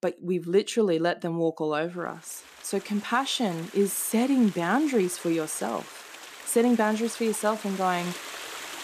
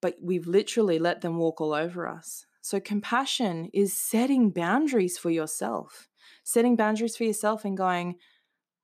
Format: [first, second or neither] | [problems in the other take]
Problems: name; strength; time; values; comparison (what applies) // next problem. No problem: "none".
second | rain or running water; noticeable; from 2.5 s on; 15 dB below the speech